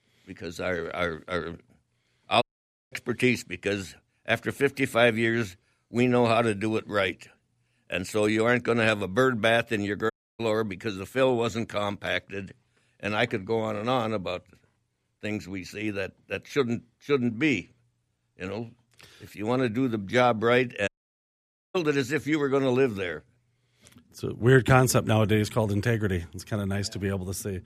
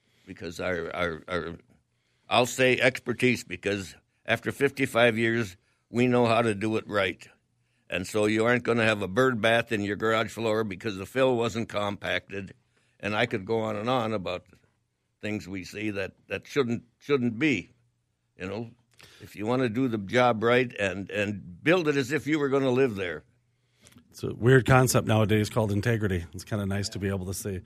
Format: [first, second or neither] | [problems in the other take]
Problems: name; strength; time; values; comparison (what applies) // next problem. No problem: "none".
second | audio cutting out; at 2.5 s, at 10 s and at 21 s for 1 s